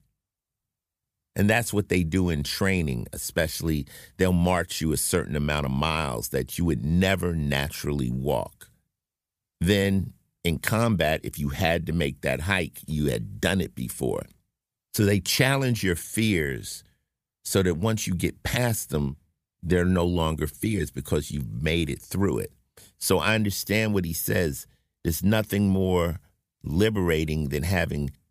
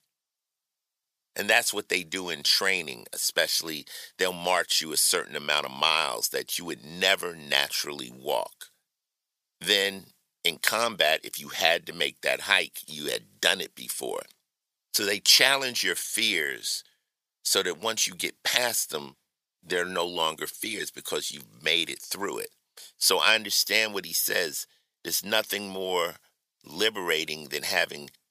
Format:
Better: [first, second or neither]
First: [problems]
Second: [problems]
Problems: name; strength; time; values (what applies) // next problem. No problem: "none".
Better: first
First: none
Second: thin; very; fading below 600 Hz